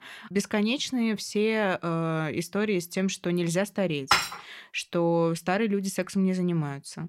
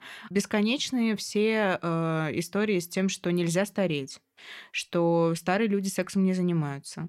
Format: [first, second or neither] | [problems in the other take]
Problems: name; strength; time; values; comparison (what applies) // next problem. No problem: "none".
second | clattering dishes; loud; at 4 s; peak 3 dB above the speech